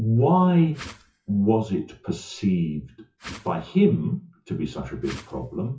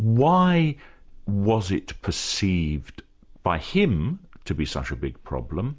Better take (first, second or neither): second